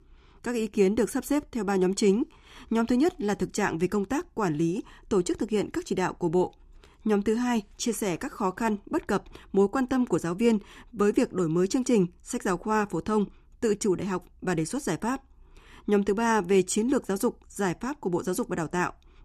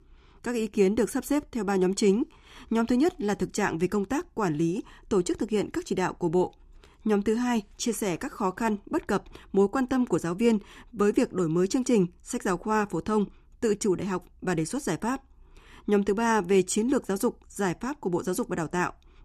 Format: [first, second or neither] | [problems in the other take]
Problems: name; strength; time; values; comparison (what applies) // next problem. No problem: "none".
neither | none